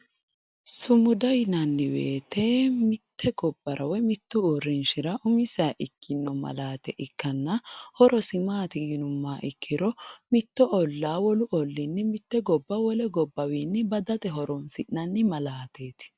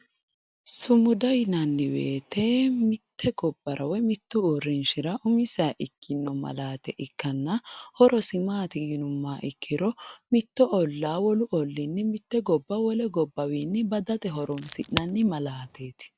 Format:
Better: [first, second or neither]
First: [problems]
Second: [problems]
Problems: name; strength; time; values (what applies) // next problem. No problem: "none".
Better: first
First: none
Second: background sound (Crack); 11 dB below the speech